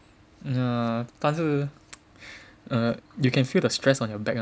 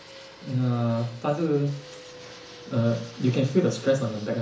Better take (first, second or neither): first